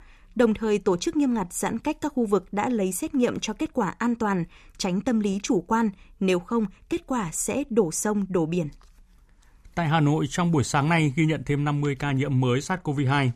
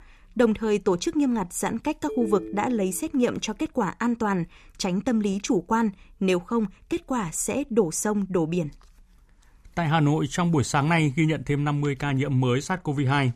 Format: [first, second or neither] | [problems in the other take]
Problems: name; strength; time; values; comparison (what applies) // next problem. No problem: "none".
first | phone ringing; noticeable; at 2 s; peak 8 dB below the speech